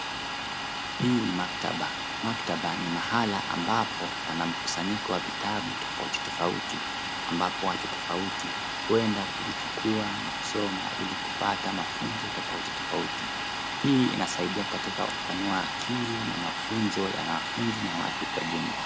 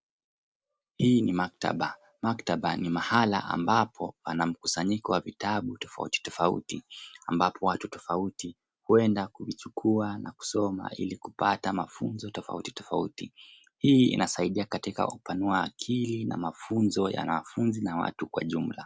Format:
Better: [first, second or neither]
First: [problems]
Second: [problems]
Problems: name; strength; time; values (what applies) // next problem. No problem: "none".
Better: second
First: background sound (Domestic sounds, home sounds); 1 dB below the speech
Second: none